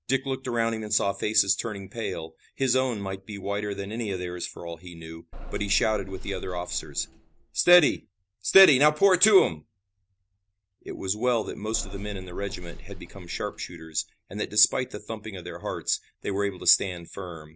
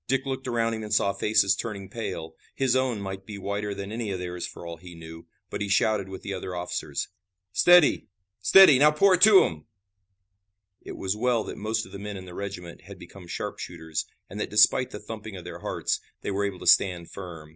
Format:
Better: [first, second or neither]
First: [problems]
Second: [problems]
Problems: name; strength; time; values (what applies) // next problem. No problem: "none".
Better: second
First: background sound (Bus / Engine); 10 dB below the speech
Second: none